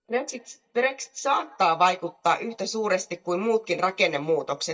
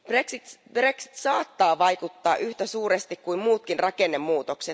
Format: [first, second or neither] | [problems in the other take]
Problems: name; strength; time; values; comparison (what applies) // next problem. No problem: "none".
second | noise reduction (neural mask model DeepFilterNet 3)